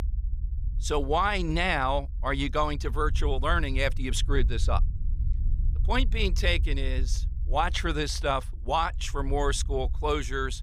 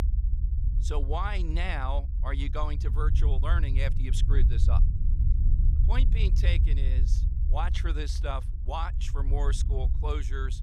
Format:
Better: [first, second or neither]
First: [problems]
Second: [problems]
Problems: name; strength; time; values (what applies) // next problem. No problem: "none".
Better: first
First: low rumble; faint; throughout; 25 dB below the speech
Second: low rumble; loud; throughout; 10 dB below the speech